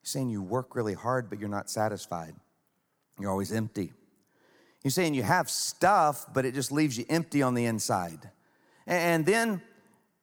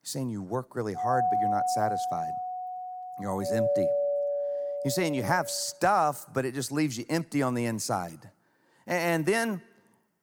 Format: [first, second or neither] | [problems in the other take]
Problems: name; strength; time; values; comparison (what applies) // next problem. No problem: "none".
first | doorbell; loud; from 1 to 5.5 s; peak 4 dB above the speech